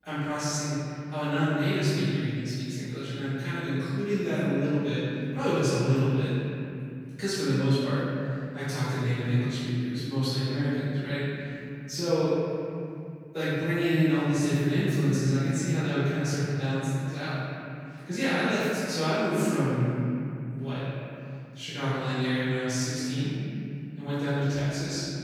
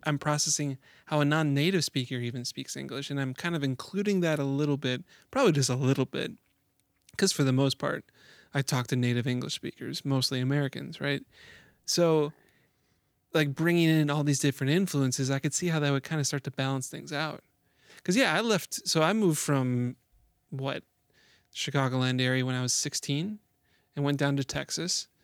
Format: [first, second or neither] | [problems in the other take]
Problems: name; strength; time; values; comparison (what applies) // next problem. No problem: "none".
second | off-mic speech; far // room echo; strong; dies away in 3 s